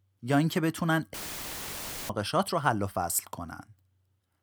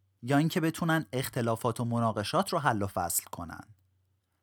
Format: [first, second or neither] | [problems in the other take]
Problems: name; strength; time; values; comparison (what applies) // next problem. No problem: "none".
second | audio cutting out; filled with static; at 1 s for 1 s